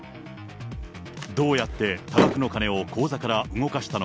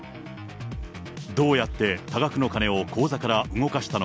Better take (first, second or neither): second